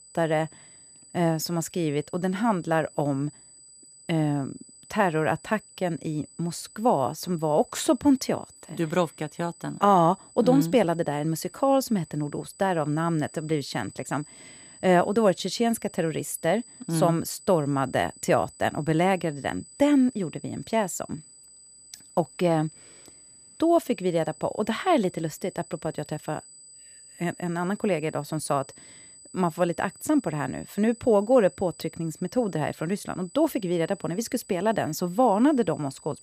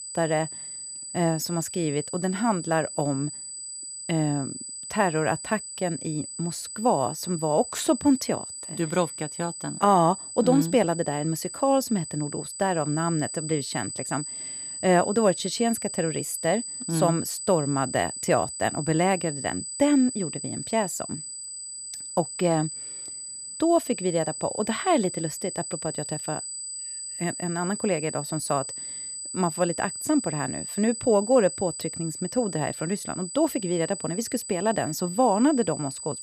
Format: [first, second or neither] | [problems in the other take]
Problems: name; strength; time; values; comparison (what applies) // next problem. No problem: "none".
first | high-pitched whine; loud; throughout; 8 kHz, 7 dB below the speech; faint in the first